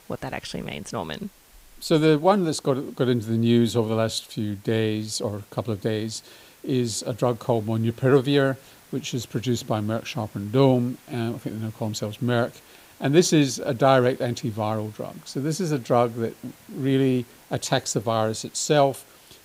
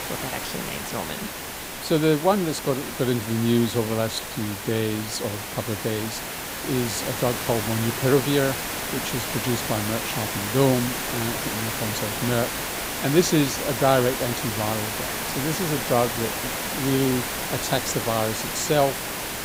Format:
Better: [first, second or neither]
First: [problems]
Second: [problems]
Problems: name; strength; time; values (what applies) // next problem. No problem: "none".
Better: first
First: hiss; faint; throughout; 25 dB below the speech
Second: hiss; loud; throughout; 3 dB below the speech